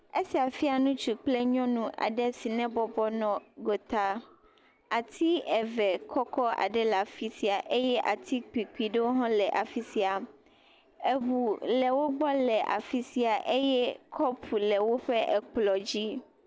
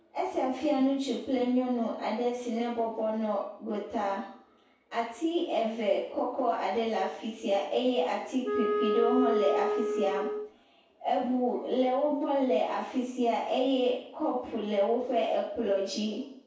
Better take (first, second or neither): first